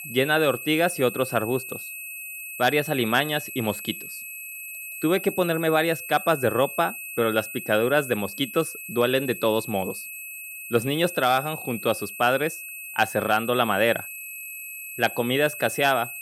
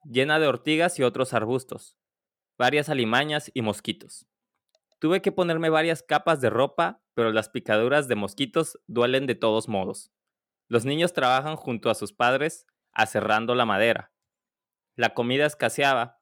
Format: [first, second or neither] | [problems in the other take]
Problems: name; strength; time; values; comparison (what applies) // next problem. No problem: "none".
second | high-pitched whine; loud; throughout; 2.5 kHz, 10 dB below the speech